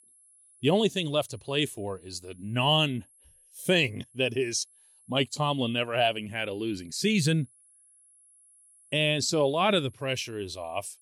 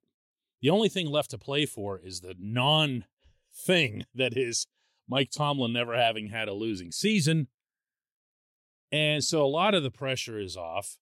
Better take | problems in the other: second | high-pitched whine; faint; throughout; 11 kHz, 30 dB below the speech

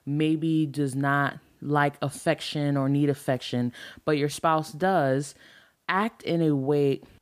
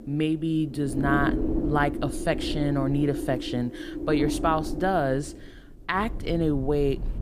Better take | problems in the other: first | wind noise on the microphone; heavy; 7 dB below the speech

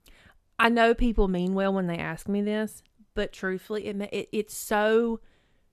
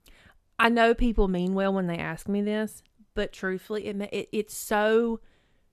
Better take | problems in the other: neither | none

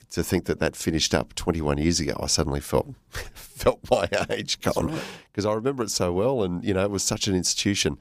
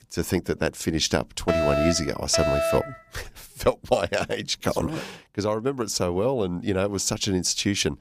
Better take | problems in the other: first | alarm; loud; from 1.5 to 3 s; peak 2 dB above the speech

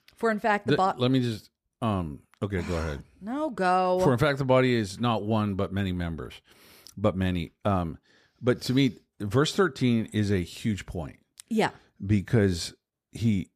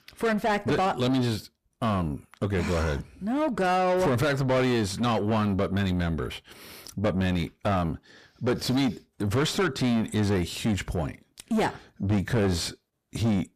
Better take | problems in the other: first | distortion; heavy; 6 dB below the speech

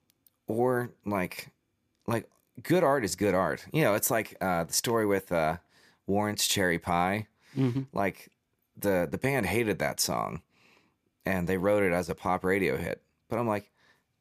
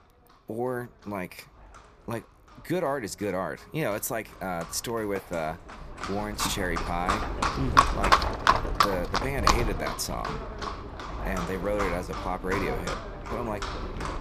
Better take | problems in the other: first | animal sounds; very loud; throughout; 4 dB above the speech

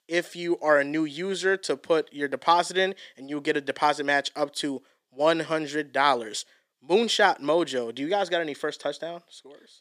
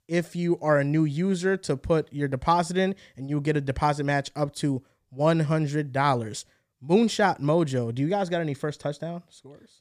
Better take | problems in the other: second | thin; somewhat; fading below 300 Hz

